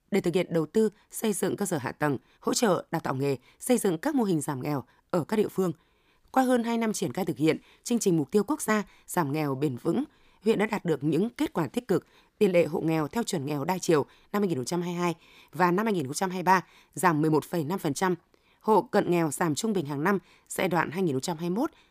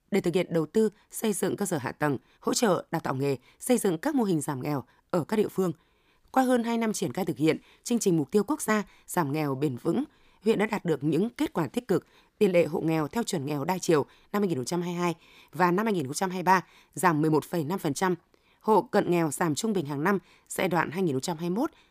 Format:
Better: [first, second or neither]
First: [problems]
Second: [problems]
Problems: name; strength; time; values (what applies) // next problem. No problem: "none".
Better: neither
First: none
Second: none